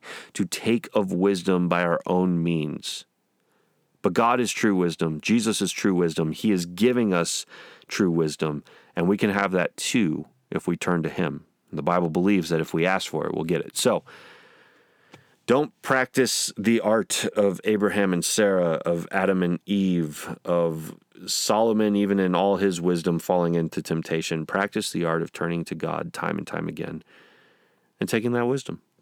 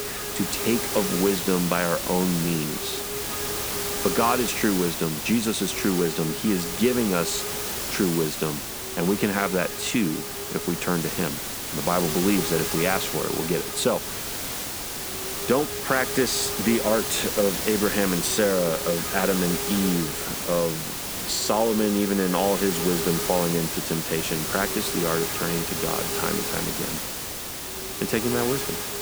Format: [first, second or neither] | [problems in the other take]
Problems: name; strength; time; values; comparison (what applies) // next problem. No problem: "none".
first | hiss; loud; throughout; 2 dB below the speech